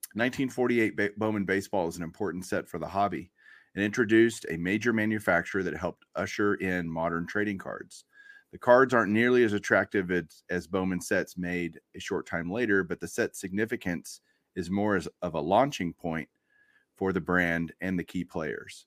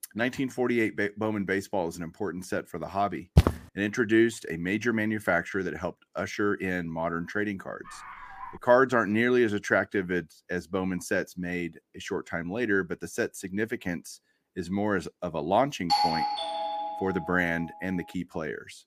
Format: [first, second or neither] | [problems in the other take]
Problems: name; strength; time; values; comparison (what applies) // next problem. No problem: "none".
first | footsteps; loud; at 3.5 s; peak 5 dB above the speech // dog barking; faint; at 8 s; peak 15 dB below the speech // doorbell; loud; from 16 to 17 s; peak 4 dB above the speech